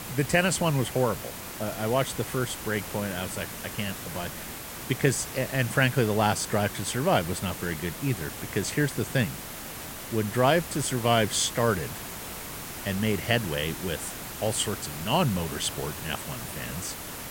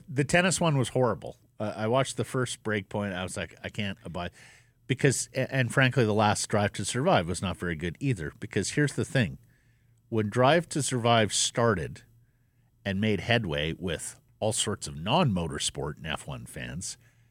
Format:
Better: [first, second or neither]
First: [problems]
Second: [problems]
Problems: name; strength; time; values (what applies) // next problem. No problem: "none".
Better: second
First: hiss; loud; throughout; 9 dB below the speech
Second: none